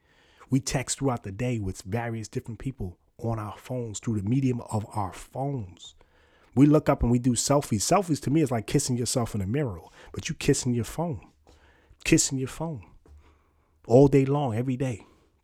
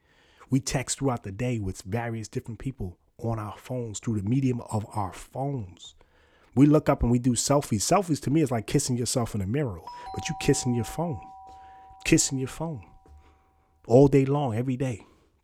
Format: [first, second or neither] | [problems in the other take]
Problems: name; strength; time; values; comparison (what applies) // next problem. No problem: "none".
first | doorbell; faint; from 10 to 13 s; peak 15 dB below the speech